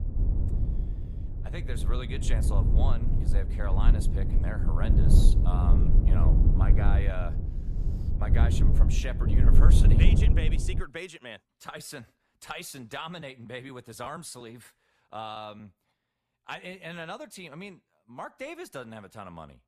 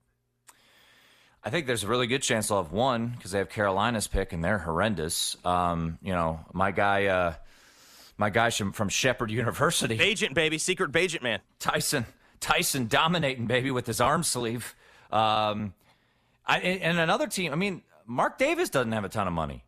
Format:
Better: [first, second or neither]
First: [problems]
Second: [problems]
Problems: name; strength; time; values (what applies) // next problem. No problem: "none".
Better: second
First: low rumble; loud; until 11 s; 2 dB below the speech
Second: none